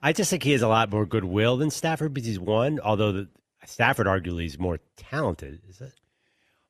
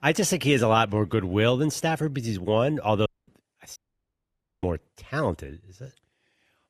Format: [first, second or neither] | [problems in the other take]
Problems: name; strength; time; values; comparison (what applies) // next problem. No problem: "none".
first | audio cutting out; at 3 s and at 4 s for 1 s